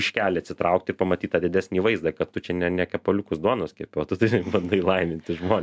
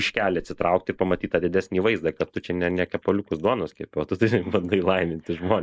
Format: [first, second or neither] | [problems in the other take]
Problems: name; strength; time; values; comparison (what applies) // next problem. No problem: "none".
first | noise reduction (neural mask model Resemble Enhance denoiser)